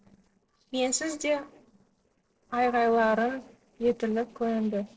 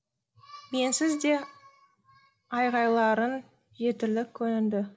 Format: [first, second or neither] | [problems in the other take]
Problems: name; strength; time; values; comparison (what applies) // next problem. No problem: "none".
second | noise reduction (neural separator model SepFormer DNS4)